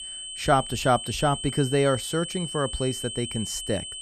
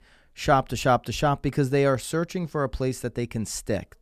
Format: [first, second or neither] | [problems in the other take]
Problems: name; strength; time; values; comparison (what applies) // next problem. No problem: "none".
second | high-pitched whine; loud; throughout; 3 kHz, 7 dB below the speech